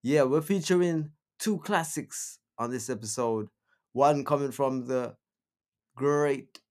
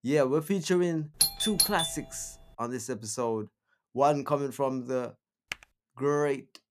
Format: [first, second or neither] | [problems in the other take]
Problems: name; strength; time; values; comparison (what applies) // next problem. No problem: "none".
first | doorbell; loud; at 1 s; peak 5 dB above the speech // keyboard typing; very faint; at 5.5 s; peak 10 dB below the speech